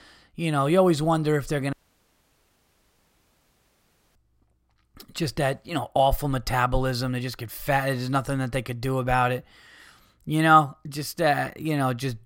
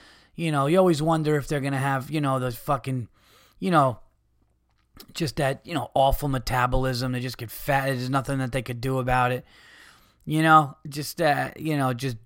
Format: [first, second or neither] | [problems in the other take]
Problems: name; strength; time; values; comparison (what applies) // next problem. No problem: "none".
second | audio cutting out; at 1.5 s for 2.5 s